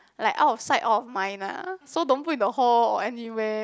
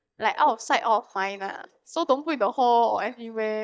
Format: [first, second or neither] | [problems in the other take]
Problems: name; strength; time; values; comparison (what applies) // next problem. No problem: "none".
first | noise reduction (neural mask model DeepFilterNet 3)